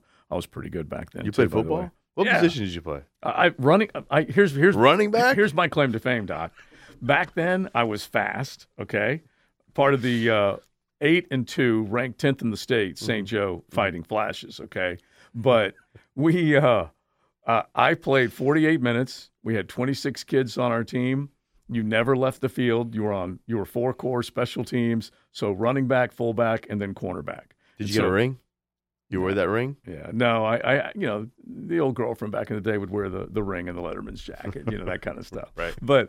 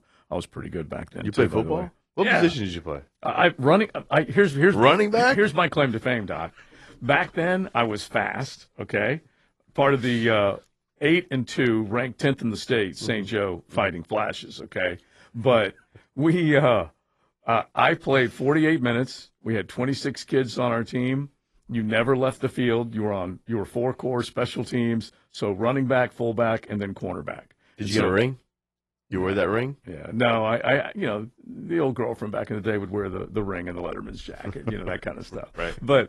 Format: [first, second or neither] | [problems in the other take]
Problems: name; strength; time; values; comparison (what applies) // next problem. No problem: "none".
first | garbled, watery; slightly; nothing above 11.5 kHz